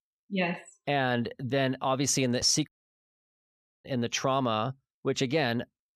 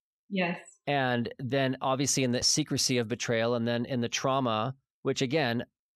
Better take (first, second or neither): second